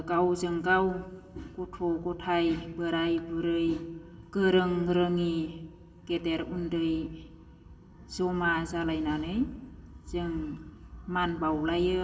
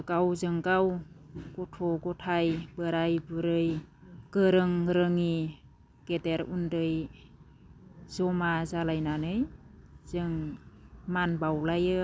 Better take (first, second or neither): second